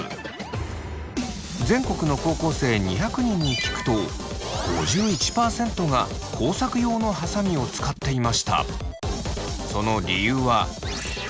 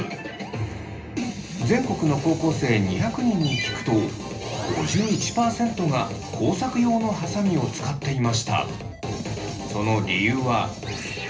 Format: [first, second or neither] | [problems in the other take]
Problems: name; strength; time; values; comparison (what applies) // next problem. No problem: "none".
first | room echo; dies away in 0.3 s